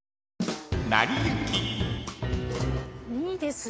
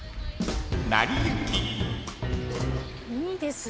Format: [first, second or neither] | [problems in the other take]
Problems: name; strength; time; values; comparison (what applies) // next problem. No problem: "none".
first | background sound (Wind); 8 dB below the speech